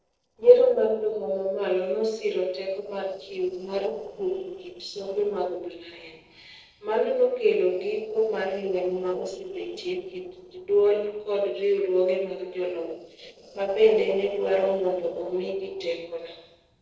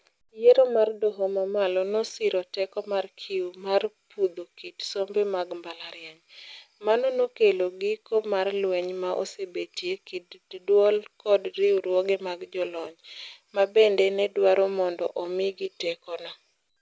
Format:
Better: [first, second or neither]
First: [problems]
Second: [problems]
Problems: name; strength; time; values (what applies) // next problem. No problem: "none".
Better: second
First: noise reduction (neural separator model SepFormer DNS4)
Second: none